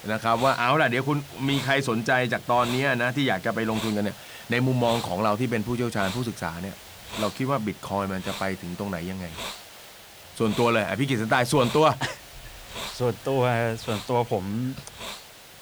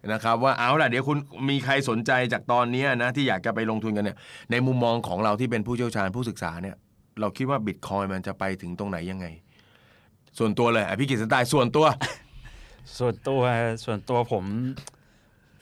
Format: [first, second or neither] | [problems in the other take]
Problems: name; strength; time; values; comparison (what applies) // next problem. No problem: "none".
second | hiss; noticeable; throughout; 15 dB below the speech